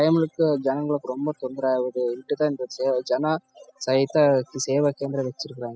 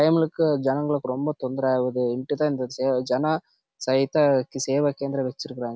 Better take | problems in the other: second | noise reduction (classical method spectral subtraction)

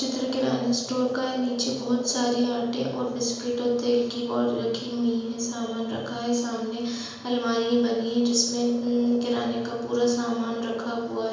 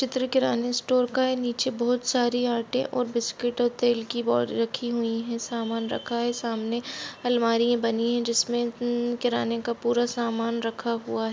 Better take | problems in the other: second | background sound (Frog); 16 dB below the speech // room echo; dies away in 1 s

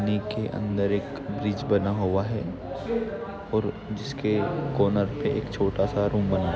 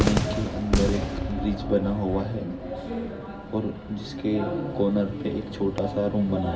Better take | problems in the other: first | background sound (Cheering / Fireworks); 5 dB below the speech // room echo; dies away in 0.2 s

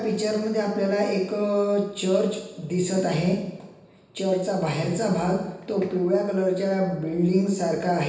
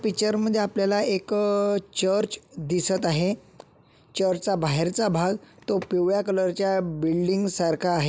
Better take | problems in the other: second | room echo; dies away in 0.9 s

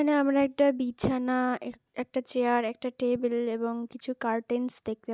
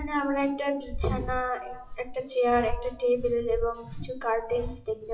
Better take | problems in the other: first | noise reduction (classical method WPE with log-MMSE)

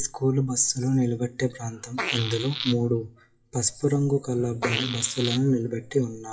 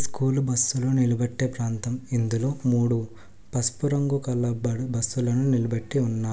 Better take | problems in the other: second | noise reduction (classical method WPE with log-MMSE)

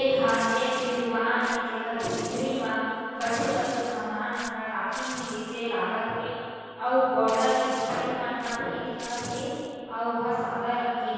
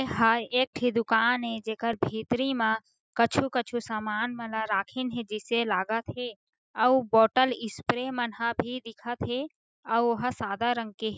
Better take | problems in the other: second | background sound (Tearing); 15 dB below the speech // room echo; dies away in 2.2 s

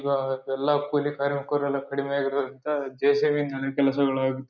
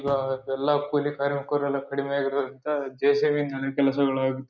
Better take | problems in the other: first | background sound (Thump, thud); 20 dB below the speech

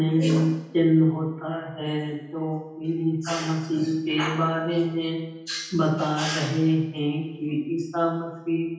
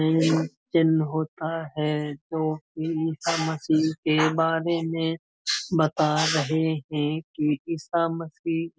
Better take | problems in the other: second | room echo; dies away in 0.9 s

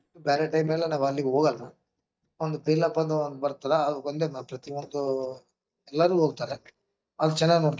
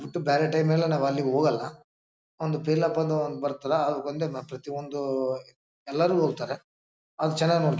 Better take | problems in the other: second | noise reduction (neural mask model DeepFilterNet 3)

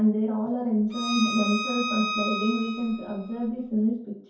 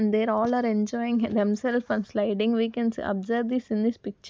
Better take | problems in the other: second | background sound (Bowed string instrument); 6 dB below the speech // room echo; dies away in 0.6 s

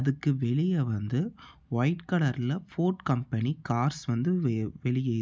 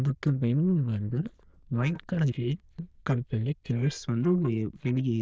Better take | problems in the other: first | noise reduction (neural diffusion model UNIVERSE++)

